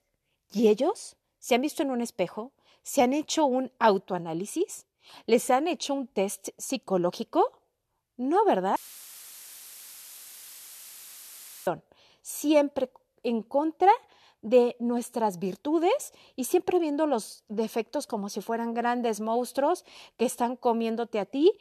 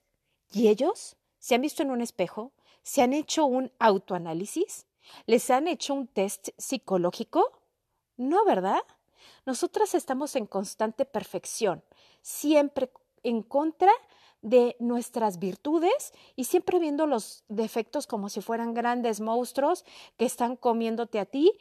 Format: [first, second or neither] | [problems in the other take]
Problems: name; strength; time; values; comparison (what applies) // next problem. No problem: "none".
second | audio cutting out; filled with static; at 9 s for 3 s